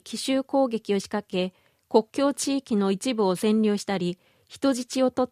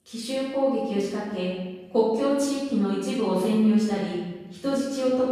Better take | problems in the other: first | off-mic speech; far // room echo; strong; dies away in 1.2 s

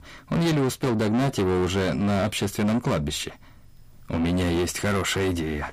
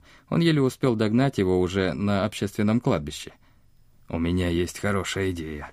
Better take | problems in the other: second | distortion; heavy; 7 dB below the speech

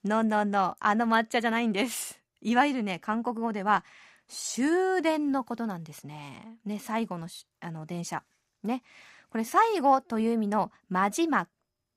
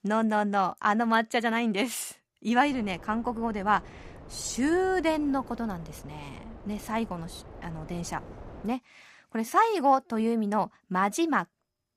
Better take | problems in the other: first | wind noise on the microphone; occasional gusts; from 2.5 to 8.5 s; 25 dB below the speech

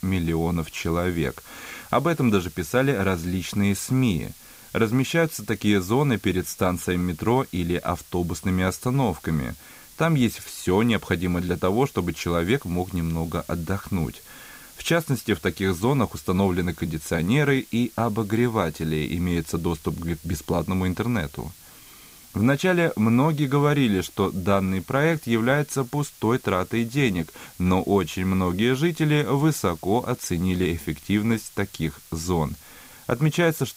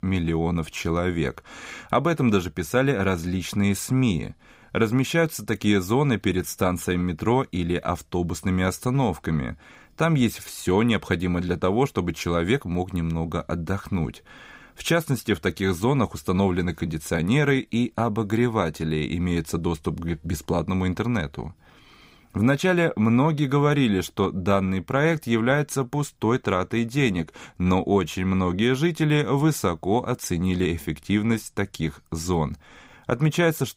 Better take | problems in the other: second | hiss; faint; throughout; 20 dB below the speech

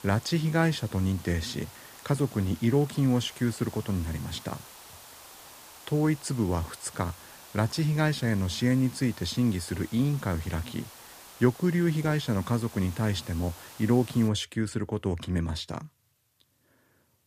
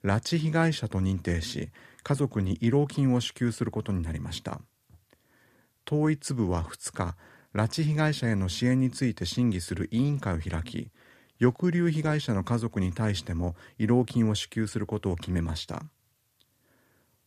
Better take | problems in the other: second | hiss; noticeable; until 14 s; 20 dB below the speech

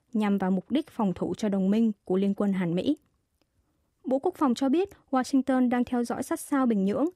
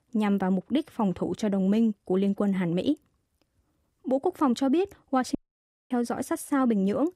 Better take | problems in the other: first | audio cutting out; at 5.5 s for 0.5 s

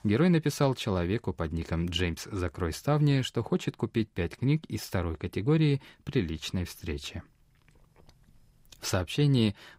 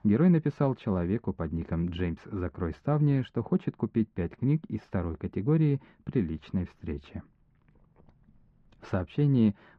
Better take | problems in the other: first | muffled; very; fading above 1.5 kHz

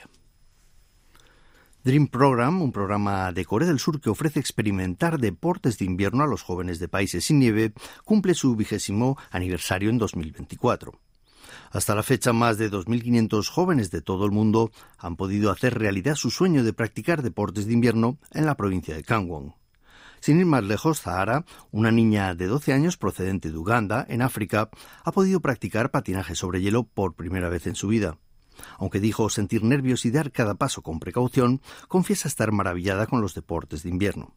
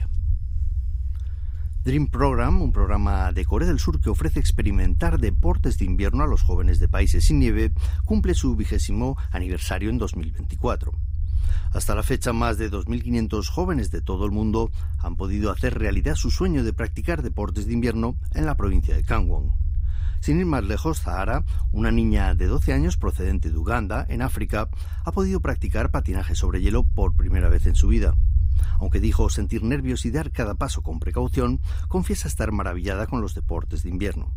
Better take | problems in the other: first | low rumble; noticeable; throughout; 15 dB below the speech

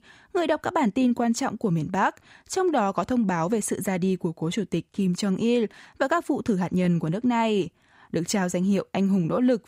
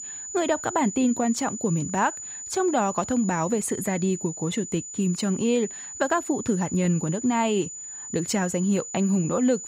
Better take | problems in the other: first | high-pitched whine; loud; throughout; 7 kHz, 9 dB below the speech

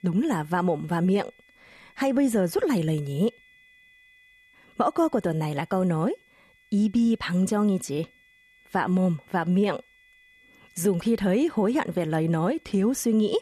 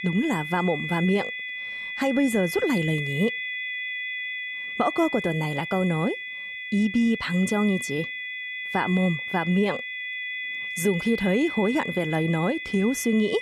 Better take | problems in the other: first | high-pitched whine; loud; throughout; 2 kHz, 6 dB below the speech; faint in the first

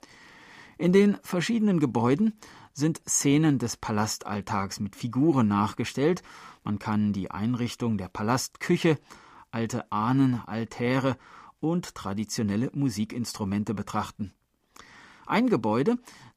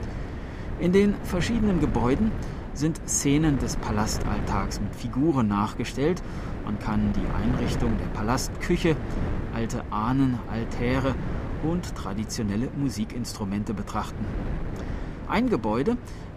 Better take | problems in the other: first | wind noise on the microphone; heavy; 9 dB below the speech

